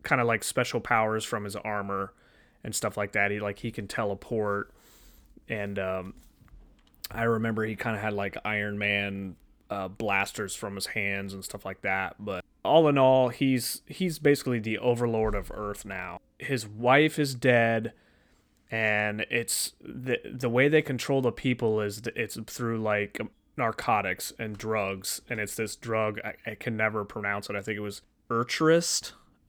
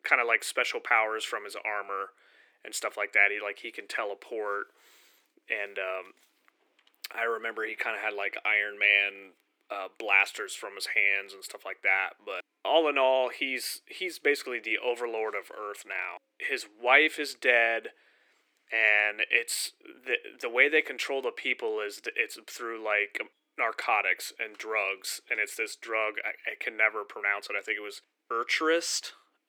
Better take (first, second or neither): first